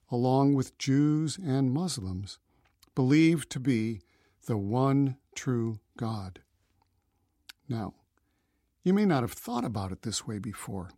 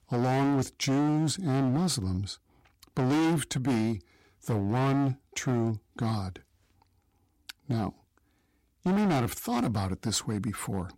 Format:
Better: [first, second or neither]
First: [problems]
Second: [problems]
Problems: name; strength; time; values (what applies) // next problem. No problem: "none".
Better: first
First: none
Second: distortion; heavy; 15% of the sound clipped